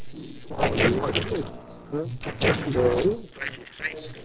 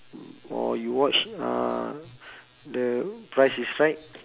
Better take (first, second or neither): second